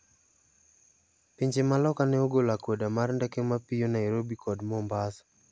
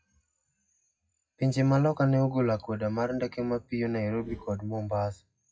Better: first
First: none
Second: noise reduction (classical method WPE with log-MMSE)

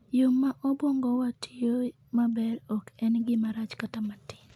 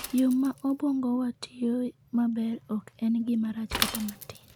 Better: first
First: none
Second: background sound (Mechanisms / Bicycle); 11 dB below the speech

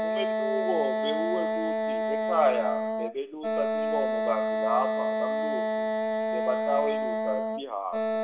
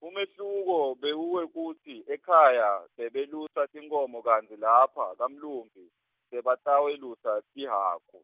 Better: second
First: background sound (Wind instrument, woodwind instrument); 3 dB above the speech // room echo; dies away in 0.6 s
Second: none

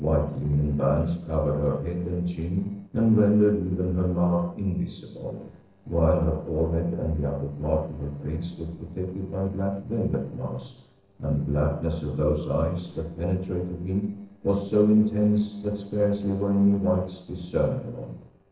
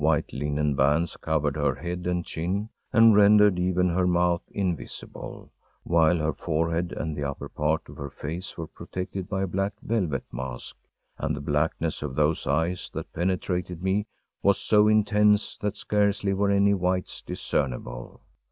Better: second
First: noise reduction (neural separator model SepFormer DNS4)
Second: none

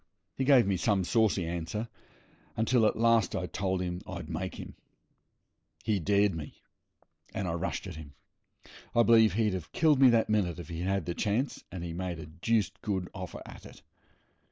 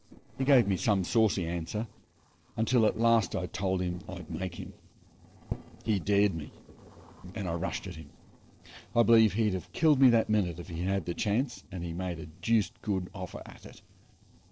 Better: first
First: none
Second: noise reduction (neural separator model SepFormer DNS4)

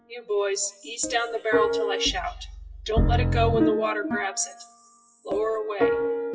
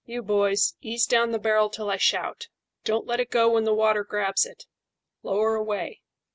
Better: second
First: noise reduction (classical method WPE with log-MMSE)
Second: none

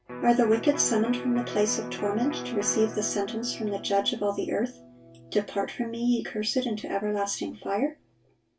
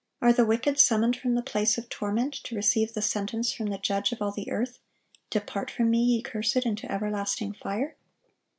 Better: second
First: background sound (Electric guitar); 12 dB below the speech // room echo; dies away in 0.1 s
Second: none

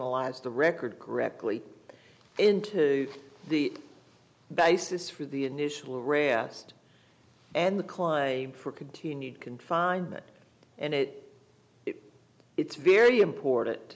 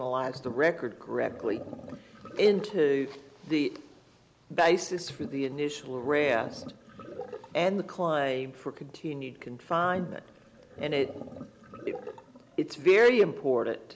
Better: first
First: none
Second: background sound (Sink (filling or washing)); 16 dB below the speech

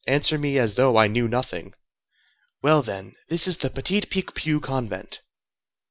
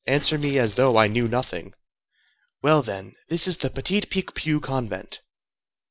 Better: first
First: none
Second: noise reduction (neural separator model SepFormer DNS4)

